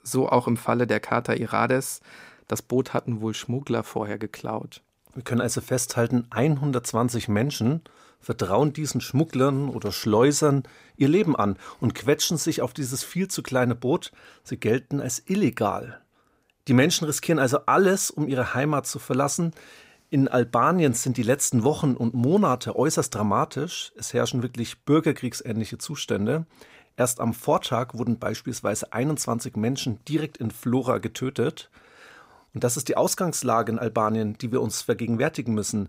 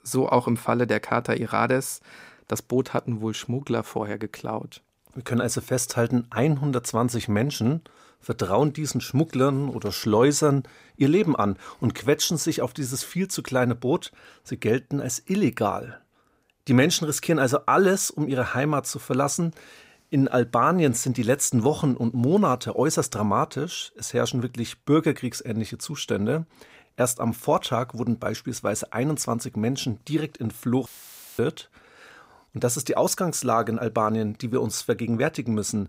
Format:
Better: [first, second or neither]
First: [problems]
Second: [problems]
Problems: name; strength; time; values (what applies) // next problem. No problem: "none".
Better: first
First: none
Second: audio cutting out; filled with static; at 31 s for 0.5 s